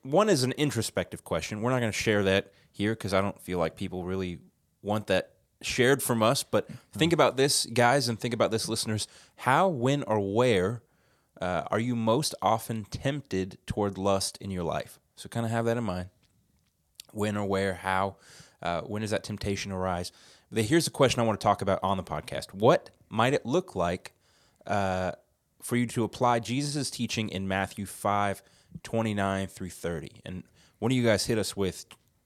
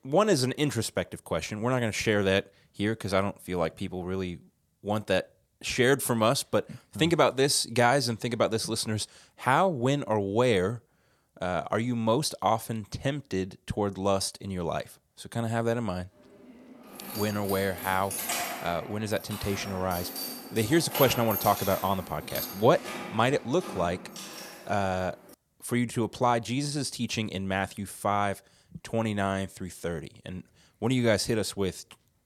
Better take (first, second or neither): first